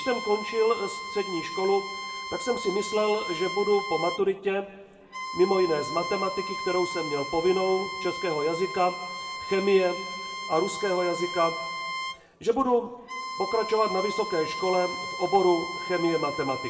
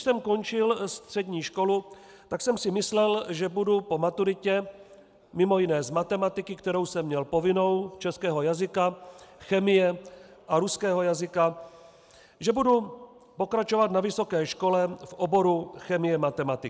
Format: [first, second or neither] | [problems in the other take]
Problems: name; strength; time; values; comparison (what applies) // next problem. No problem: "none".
second | background sound (Bowed string instrument); 8 dB below the speech // room echo; dies away in 1 s